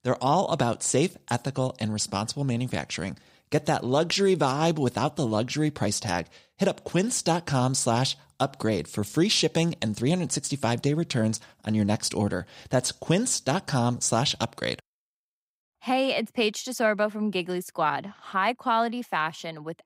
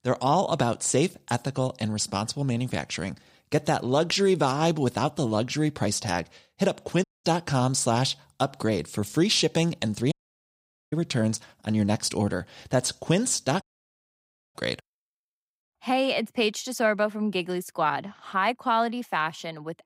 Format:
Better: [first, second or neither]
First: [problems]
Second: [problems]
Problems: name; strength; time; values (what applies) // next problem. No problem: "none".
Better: first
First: none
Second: audio cutting out; at 7 s, at 10 s for 1 s and at 14 s for 1 s